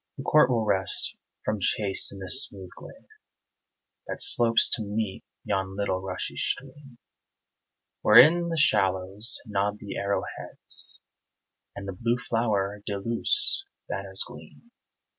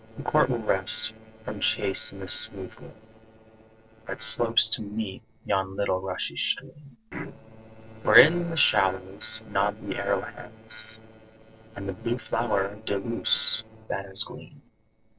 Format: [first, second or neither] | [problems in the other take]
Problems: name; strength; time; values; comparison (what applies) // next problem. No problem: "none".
first | noise reduction (neural separator model SepFormer DNS4)